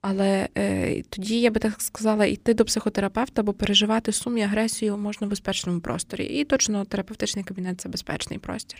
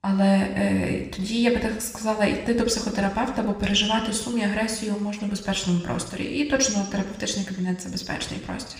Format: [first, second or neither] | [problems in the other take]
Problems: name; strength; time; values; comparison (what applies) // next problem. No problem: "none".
first | room echo; slight; dies away in 0.9 s